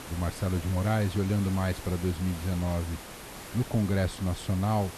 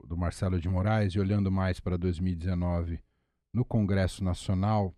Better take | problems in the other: second | hiss; noticeable; throughout; 10 dB below the speech

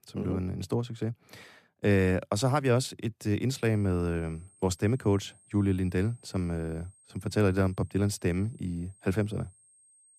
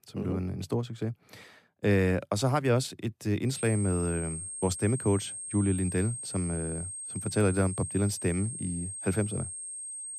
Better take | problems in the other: first | high-pitched whine; loud; from 3.5 s on; 8.5 kHz, 6 dB below the speech; faint in the first

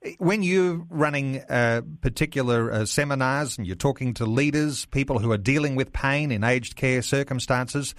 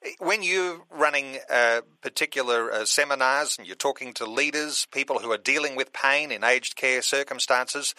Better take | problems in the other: first | thin; very; fading below 500 Hz

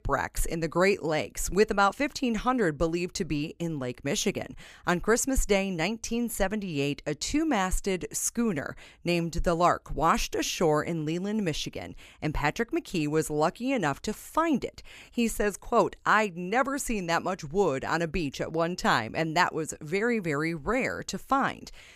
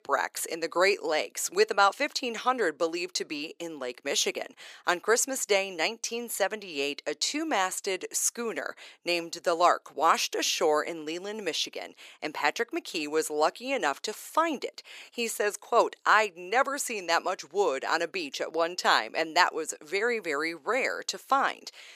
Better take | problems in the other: first | thin; somewhat; fading below 400 Hz

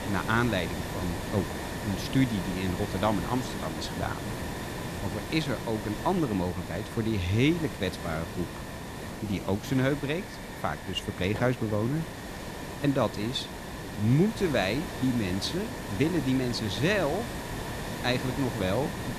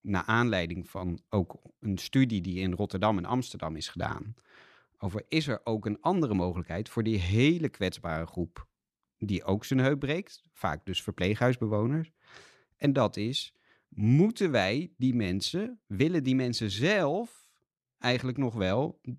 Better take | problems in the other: second | hiss; loud; throughout; 7 dB below the speech

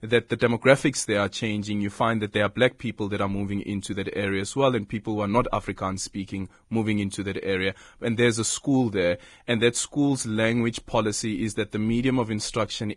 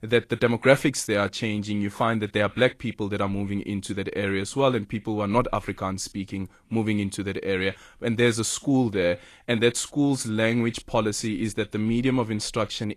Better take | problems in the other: second | garbled, watery; badly; nothing above 10 kHz; slightly in the second

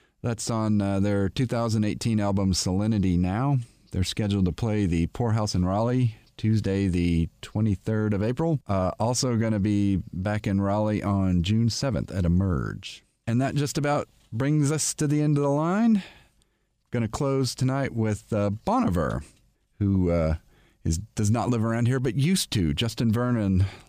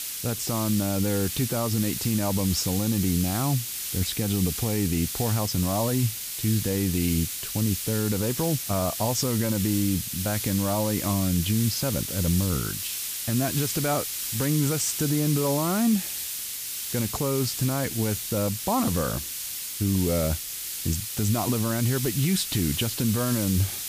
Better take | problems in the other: first | hiss; loud; throughout; 3 dB below the speech

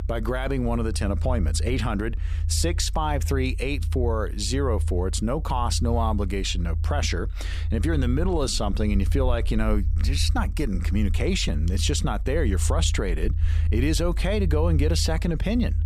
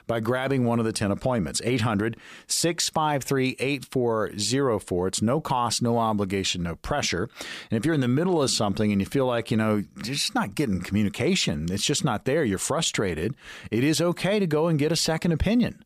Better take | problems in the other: second | low rumble; noticeable; throughout; 15 dB below the speech

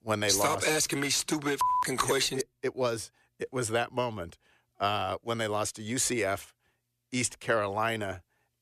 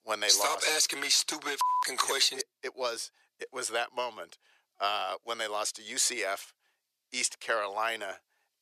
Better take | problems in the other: first | thin; very; fading below 550 Hz

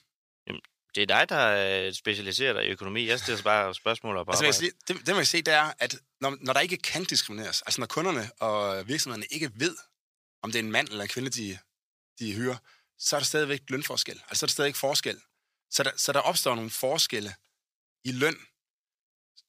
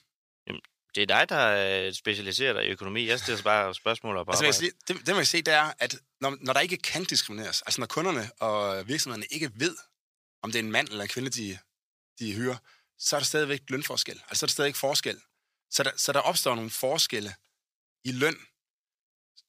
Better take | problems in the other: neither | thin; somewhat; fading below 700 Hz; the same in both

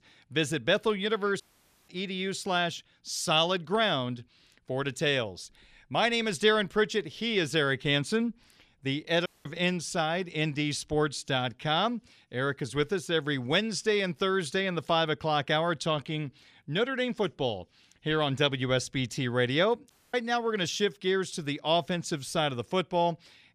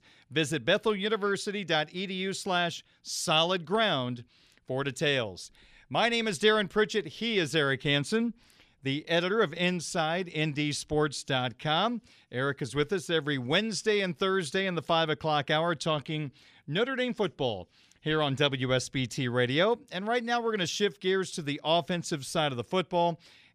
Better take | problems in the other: second | audio cutting out; at 1.5 s, at 9.5 s and at 20 s

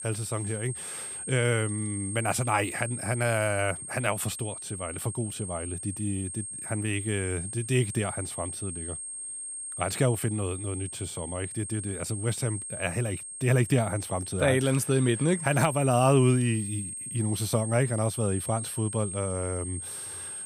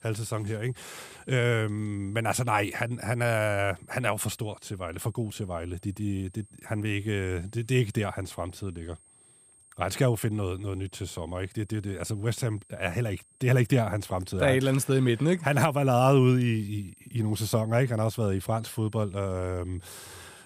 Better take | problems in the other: second | high-pitched whine; loud; throughout; 8.5 kHz, 7 dB below the speech; faint in the second

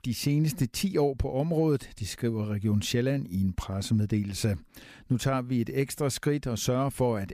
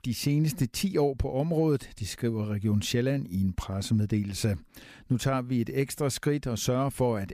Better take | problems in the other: neither | none

